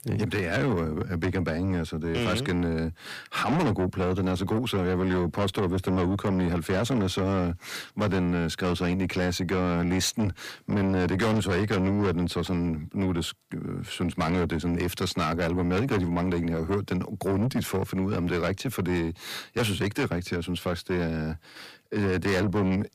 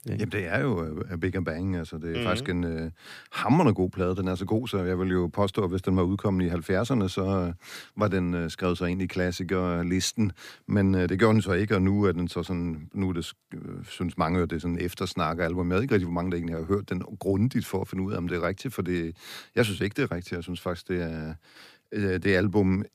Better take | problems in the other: second | distortion; heavy; 8 dB below the speech

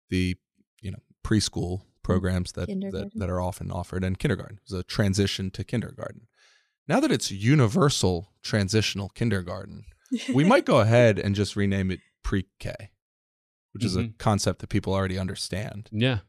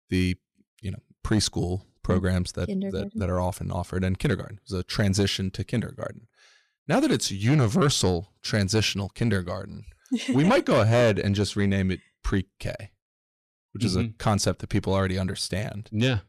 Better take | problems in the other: first | distortion; slight; 10 dB below the speech

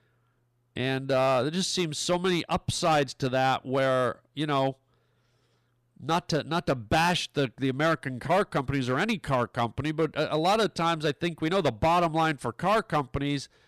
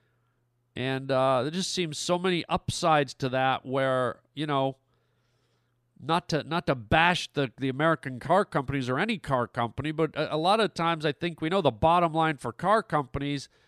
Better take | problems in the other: second | distortion; slight; 5% of the sound clipped

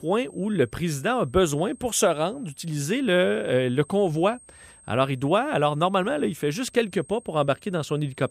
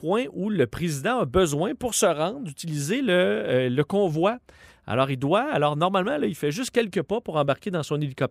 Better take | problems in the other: second | high-pitched whine; faint; throughout; 8.5 kHz, 25 dB below the speech

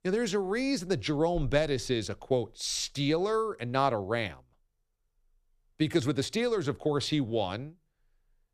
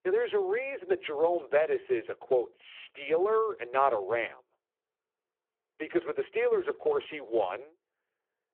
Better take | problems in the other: first | phone-call audio; poor line

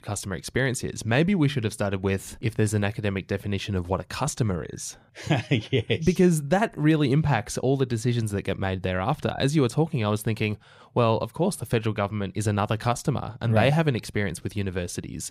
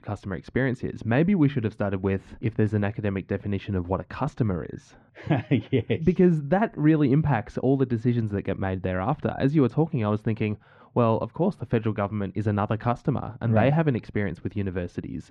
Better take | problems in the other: first | muffled; very; fading above 2 kHz

